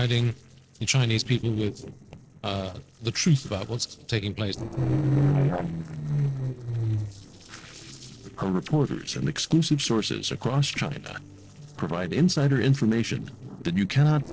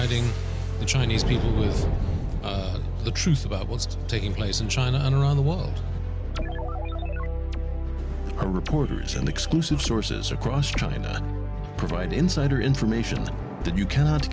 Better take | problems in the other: second | noise reduction (neural separator model SepFormer DNS4)

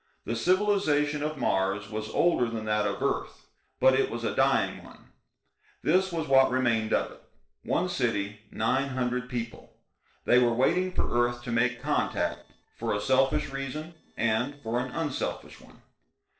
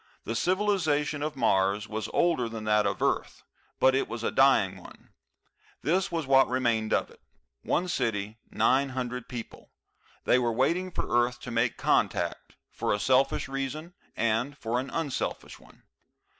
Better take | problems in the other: second | noise reduction (neural separator model SepFormer DNS4)

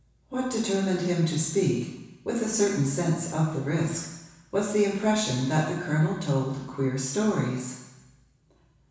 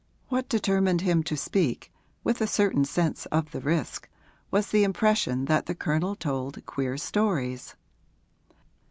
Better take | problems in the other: second | room echo; dies away in 1.1 s

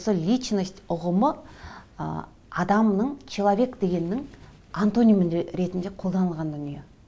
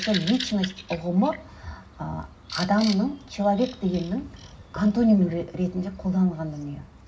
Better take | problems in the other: first | background sound (Bird vocalization, bird call, bird song); 14 dB below the speech // room echo; dies away in 0.4 s

